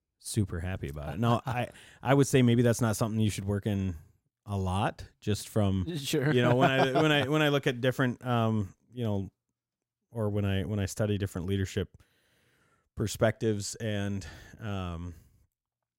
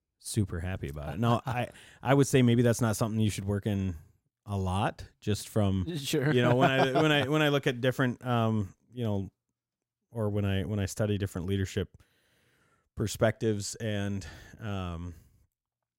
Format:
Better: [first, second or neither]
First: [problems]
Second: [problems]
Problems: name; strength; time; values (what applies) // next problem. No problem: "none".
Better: neither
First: none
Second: none